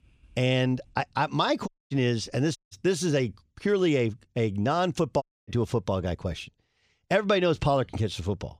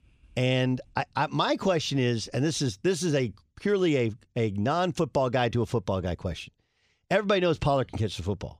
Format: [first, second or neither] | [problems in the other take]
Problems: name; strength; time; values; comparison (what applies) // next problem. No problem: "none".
second | audio cutting out; at 1.5 s, at 2.5 s and at 5 s